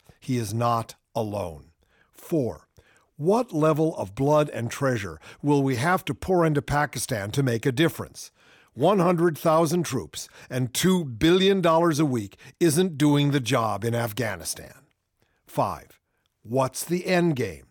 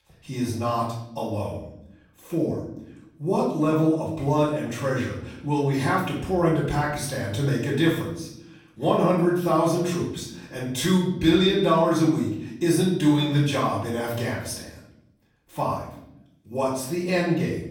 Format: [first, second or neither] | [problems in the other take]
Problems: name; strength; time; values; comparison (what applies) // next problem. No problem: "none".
first | off-mic speech; far // room echo; noticeable; dies away in 0.7 s